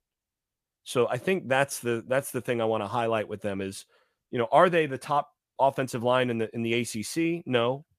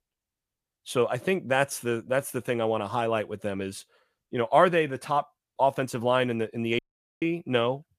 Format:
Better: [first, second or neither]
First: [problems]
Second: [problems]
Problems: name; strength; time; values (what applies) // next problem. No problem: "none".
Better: first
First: none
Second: audio cutting out; at 7 s